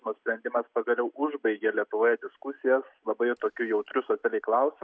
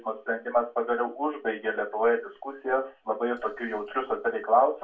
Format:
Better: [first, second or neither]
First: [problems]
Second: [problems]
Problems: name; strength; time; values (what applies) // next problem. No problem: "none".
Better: first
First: none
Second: room echo; dies away in 0.2 s